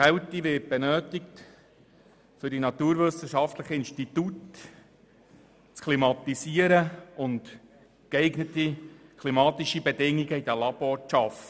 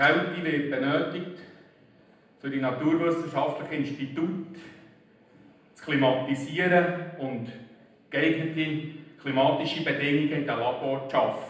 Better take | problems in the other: first | room echo; dies away in 0.8 s

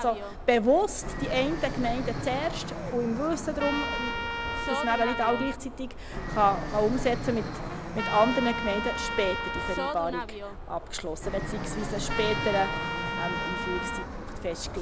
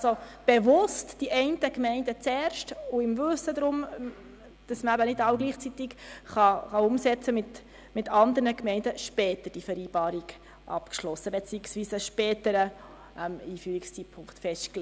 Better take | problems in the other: second | background sound (Fixed-wing aircraft, airplane + Trumpet); 3 dB below the speech

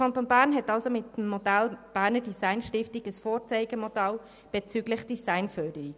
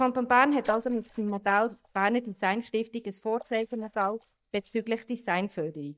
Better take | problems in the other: first | noise reduction (neural mask model DeepFilterNet 3)

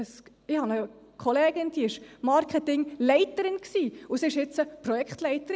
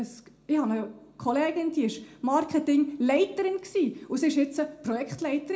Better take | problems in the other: first | room echo; dies away in 0.3 s

